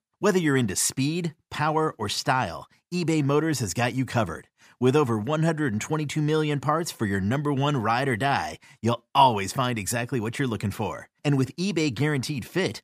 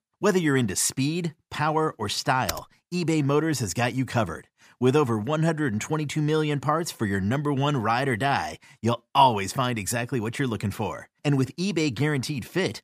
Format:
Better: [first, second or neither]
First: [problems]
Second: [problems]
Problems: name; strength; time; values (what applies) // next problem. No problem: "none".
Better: first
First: none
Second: keyboard typing; noticeable; at 2.5 s; peak 8 dB below the speech